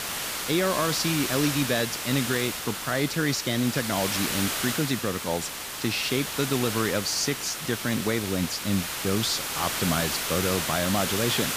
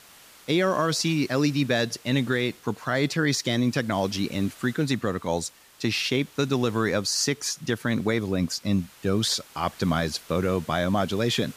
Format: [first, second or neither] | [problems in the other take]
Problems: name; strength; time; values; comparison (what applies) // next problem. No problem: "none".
second | hiss; loud; throughout; 2 dB below the speech; faint in the second